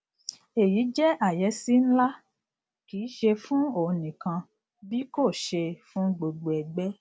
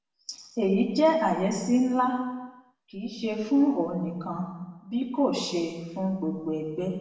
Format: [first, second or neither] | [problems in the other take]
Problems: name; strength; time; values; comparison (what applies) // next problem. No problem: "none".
first | room echo; dies away in 1 s